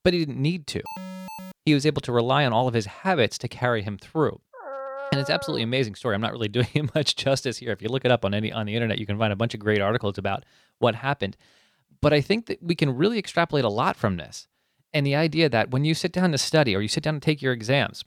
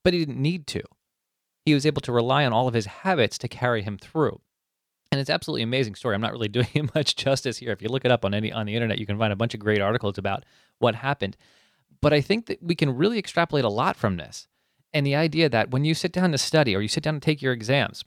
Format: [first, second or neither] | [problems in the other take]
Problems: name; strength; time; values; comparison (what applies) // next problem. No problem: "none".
second | alarm; faint; at 1 s; peak 10 dB below the speech // dog barking; noticeable; from 4.5 to 5.5 s; peak 9 dB below the speech